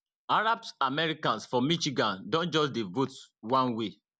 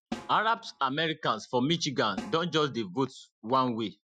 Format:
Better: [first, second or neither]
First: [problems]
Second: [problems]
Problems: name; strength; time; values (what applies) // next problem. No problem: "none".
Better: first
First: none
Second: noise reduction (classical method Wiener filter)